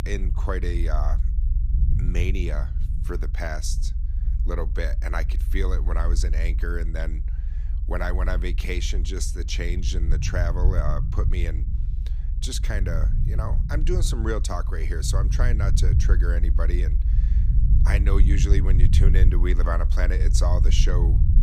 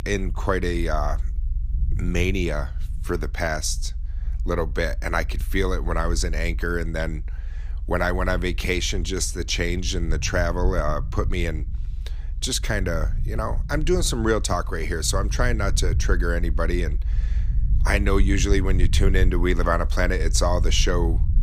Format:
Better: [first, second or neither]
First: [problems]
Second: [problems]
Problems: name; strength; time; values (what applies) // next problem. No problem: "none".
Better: second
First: low rumble; loud; throughout; 9 dB below the speech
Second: low rumble; faint; throughout; 20 dB below the speech